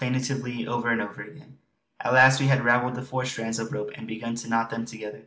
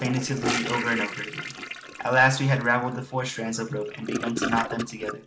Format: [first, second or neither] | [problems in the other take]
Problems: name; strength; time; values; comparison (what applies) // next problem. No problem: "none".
first | background sound (Toilet flush / Gurgling); 7 dB below the speech